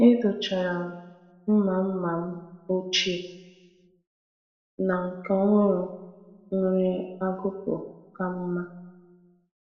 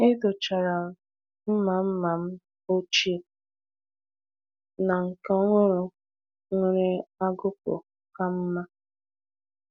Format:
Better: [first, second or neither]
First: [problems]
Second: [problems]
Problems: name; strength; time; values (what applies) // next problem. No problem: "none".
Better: second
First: room echo; dies away in 1 s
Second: none